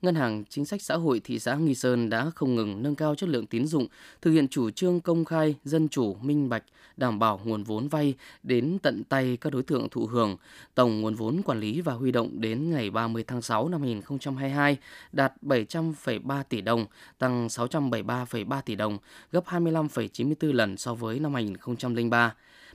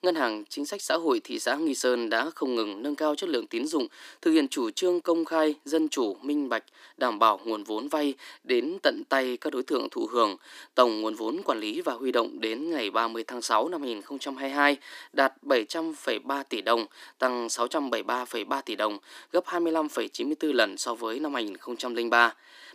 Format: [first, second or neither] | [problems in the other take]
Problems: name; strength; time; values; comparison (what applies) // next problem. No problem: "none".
first | thin; somewhat; fading below 300 Hz